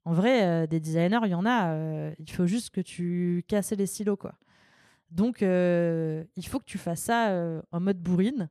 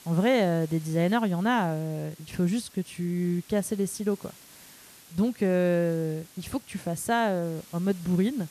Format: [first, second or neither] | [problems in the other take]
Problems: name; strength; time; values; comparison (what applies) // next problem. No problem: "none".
first | hiss; faint; throughout; 20 dB below the speech